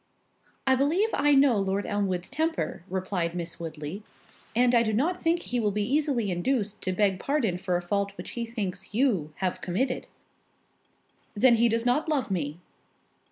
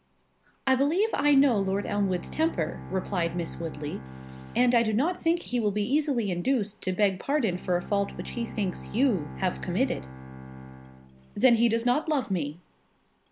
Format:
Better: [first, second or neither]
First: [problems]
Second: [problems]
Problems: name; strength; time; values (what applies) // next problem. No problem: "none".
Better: first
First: none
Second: background sound (Bowed string instrument); 15 dB below the speech